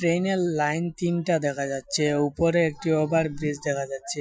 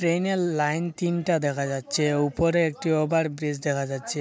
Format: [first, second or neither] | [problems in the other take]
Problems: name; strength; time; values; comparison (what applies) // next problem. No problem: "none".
second | noise reduction (classical method Wiener filter)